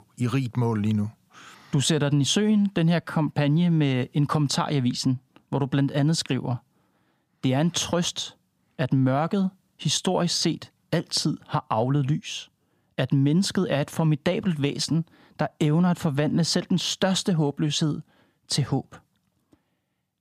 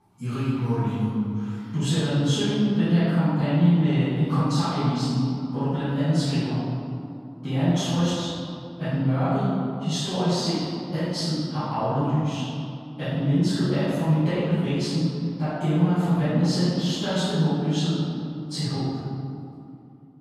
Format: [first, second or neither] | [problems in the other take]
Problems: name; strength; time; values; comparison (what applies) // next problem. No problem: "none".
first | off-mic speech; far // room echo; strong; dies away in 2.4 s